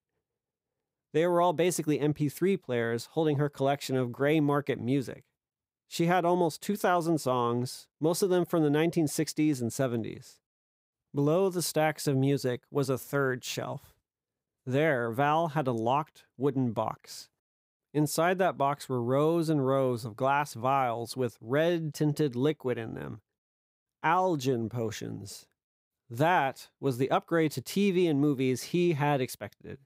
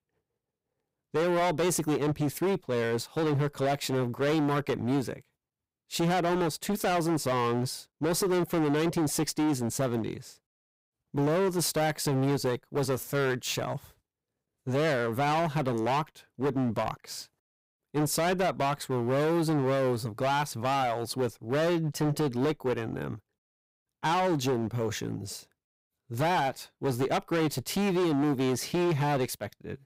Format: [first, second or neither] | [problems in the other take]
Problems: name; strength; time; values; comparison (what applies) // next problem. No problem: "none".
first | distortion; heavy; 18% of the sound clipped